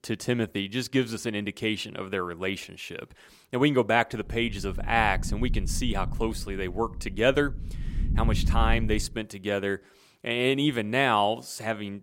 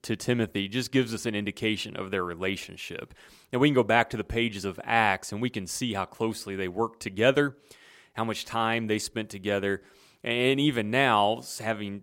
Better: second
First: low rumble; noticeable; from 4 to 9 s; 20 dB below the speech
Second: none

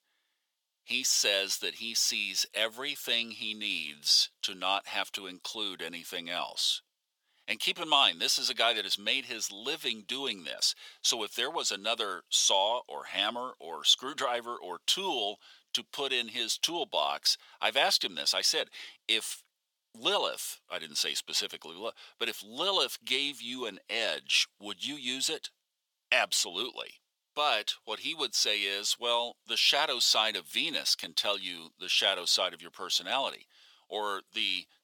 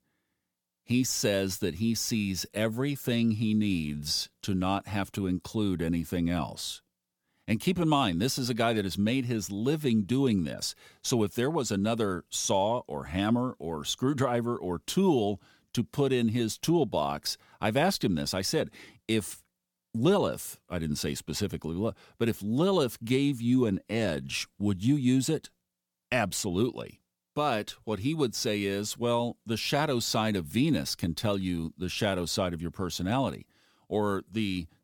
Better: second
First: thin; very; fading below 700 Hz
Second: none

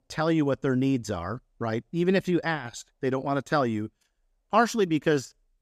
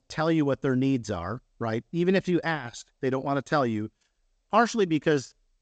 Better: first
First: none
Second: garbled, watery; slightly; nothing above 7.5 kHz

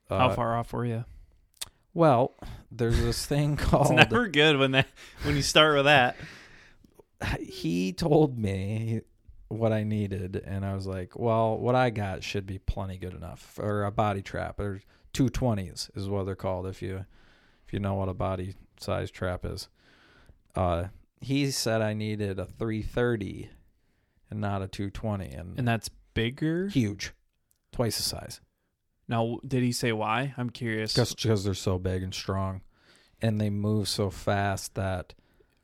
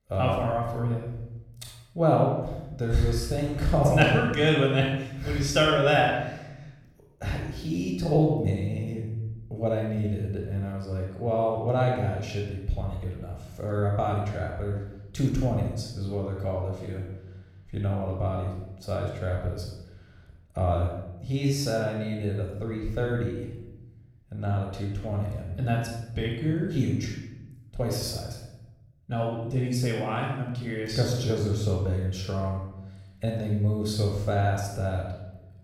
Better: first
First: none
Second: off-mic speech; somewhat distant // room echo; noticeable; dies away in 0.9 s

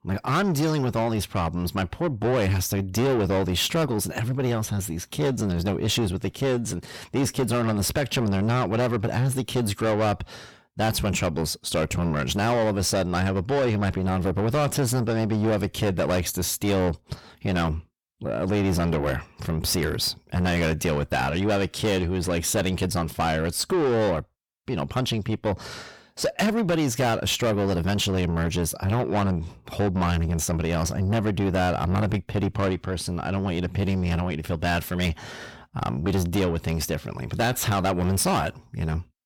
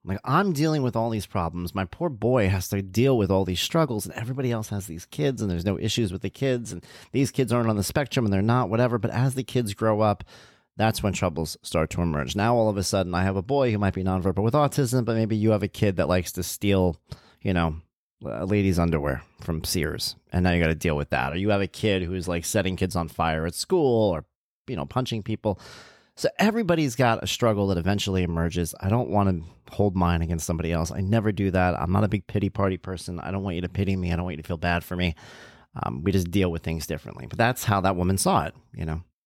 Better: second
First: distortion; heavy; 7 dB below the speech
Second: none

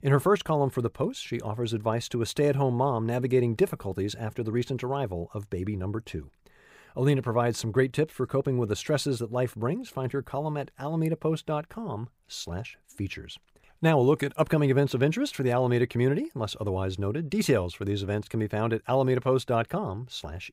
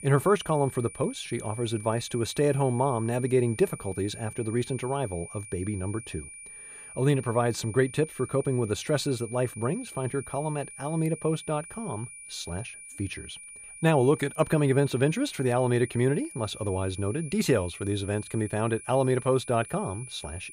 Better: first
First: none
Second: high-pitched whine; noticeable; throughout; 9.5 kHz, 15 dB below the speech

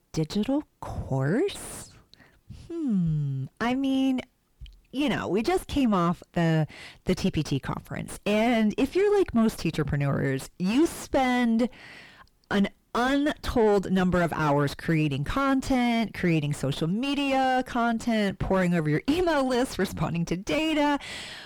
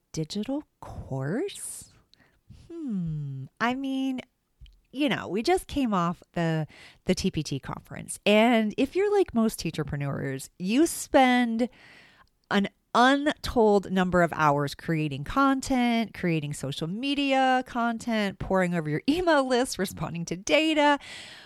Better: second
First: distortion; heavy; 5 dB below the speech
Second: none

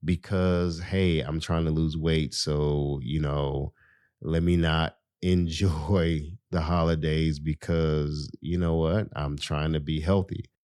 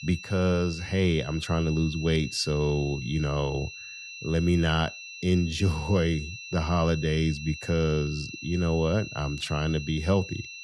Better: first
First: none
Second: high-pitched whine; noticeable; throughout; 2.5 kHz, 10 dB below the speech

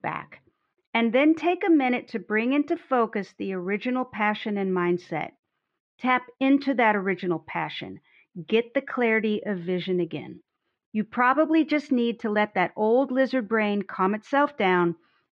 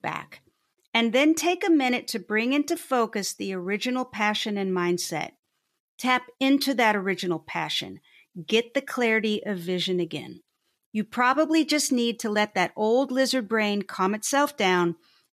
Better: second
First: muffled; very; fading above 2.5 kHz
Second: none

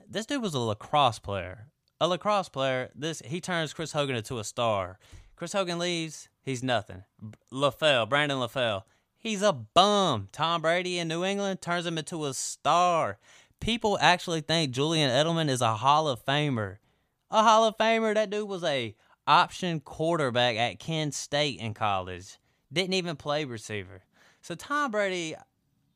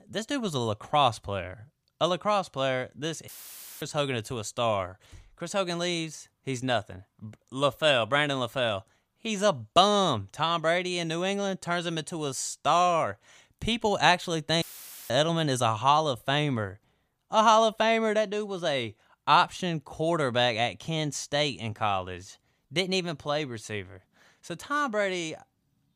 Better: first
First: none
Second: audio cutting out; filled with static; at 3.5 s for 0.5 s and at 15 s

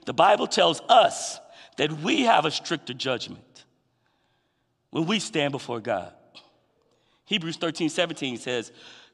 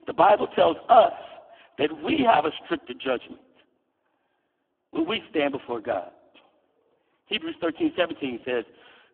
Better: first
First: none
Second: phone-call audio; poor line

